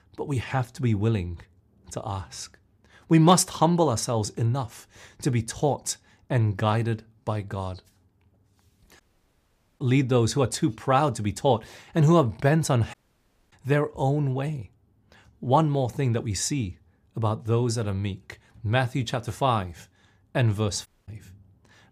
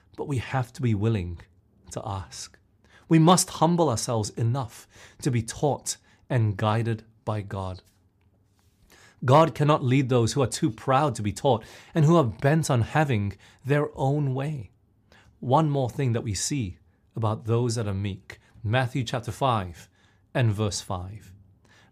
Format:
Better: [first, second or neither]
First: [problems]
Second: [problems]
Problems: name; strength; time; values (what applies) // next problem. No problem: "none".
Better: second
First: audio cutting out; at 9 s for 1 s, at 13 s for 0.5 s and at 21 s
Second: none